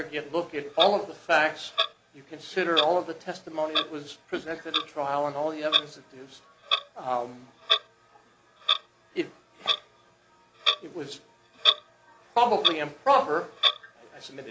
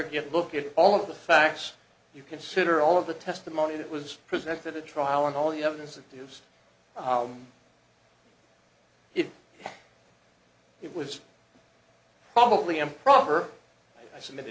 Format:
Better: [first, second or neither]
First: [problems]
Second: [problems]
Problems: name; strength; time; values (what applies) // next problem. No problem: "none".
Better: second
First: background sound (Clock); 2 dB below the speech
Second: none